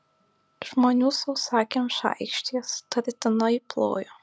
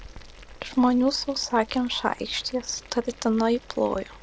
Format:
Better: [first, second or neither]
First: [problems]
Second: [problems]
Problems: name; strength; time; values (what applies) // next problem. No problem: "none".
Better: first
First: none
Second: background sound (Boiling); 20 dB below the speech